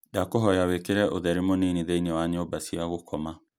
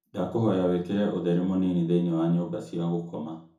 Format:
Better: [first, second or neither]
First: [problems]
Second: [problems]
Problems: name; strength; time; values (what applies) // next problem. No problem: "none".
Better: first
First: none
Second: room echo; dies away in 0.6 s